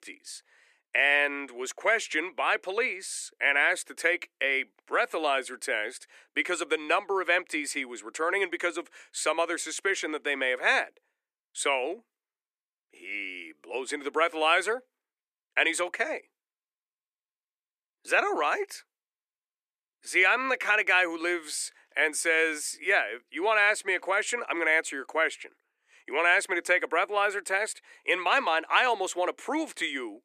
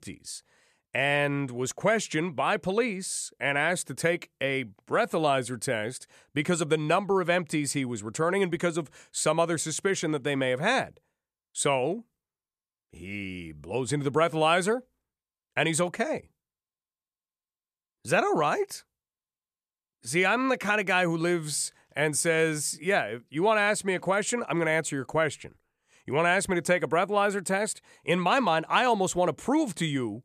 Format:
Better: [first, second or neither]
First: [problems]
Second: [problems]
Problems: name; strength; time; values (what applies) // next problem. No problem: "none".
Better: second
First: thin; somewhat; fading below 300 Hz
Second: none